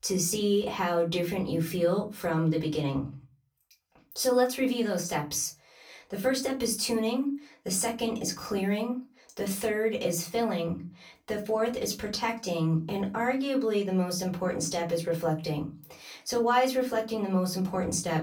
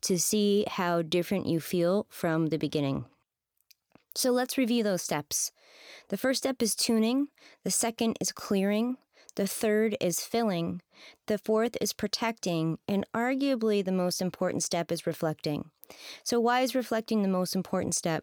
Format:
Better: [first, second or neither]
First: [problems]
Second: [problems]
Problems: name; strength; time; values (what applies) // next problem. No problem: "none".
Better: second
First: off-mic speech; far // room echo; very slight; dies away in 0.3 s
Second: none